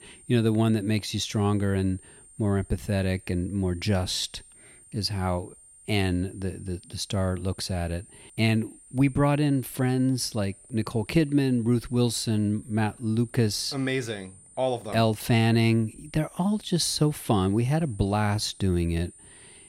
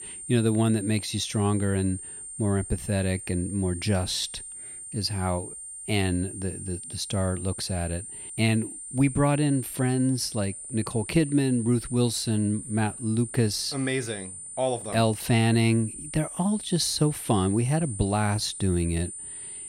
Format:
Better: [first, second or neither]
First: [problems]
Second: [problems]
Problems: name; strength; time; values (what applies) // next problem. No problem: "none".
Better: first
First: high-pitched whine; faint; throughout; 9 kHz, 25 dB below the speech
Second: high-pitched whine; loud; throughout; 9 kHz, 10 dB below the speech